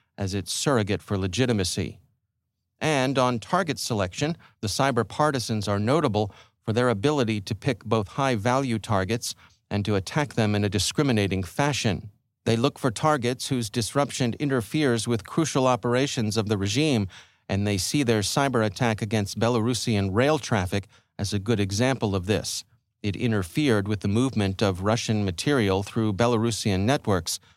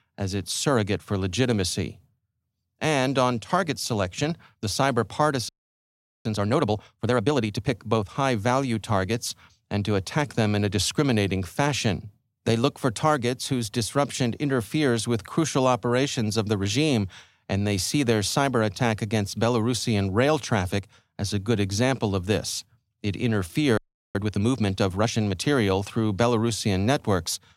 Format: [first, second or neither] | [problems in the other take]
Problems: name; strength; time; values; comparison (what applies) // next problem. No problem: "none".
first | audio freezing; at 5.5 s for 1 s and at 24 s